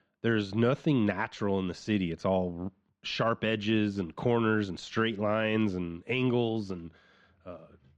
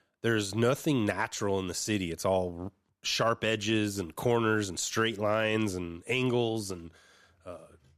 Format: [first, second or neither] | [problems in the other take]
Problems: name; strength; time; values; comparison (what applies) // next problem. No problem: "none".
second | muffled; slightly; fading above 3.5 kHz